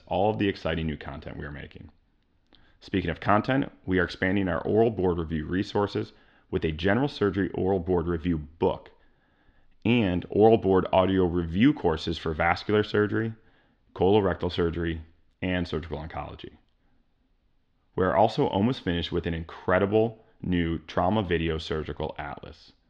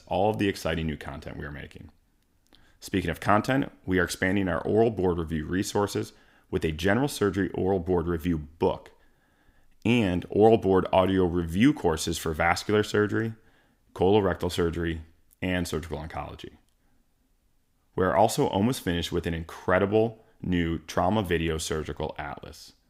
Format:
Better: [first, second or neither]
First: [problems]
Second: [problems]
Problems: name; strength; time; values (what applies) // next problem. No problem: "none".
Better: second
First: muffled; very slightly; fading above 4 kHz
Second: none